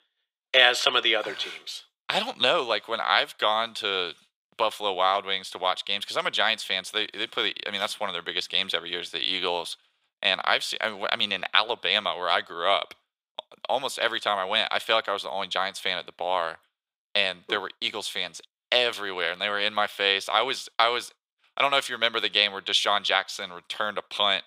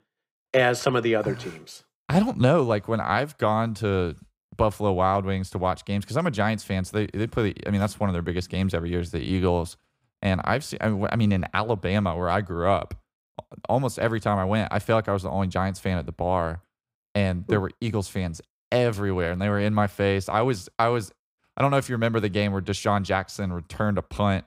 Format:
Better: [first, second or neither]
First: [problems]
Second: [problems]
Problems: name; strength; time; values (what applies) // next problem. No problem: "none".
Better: second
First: thin; very; fading below 600 Hz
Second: none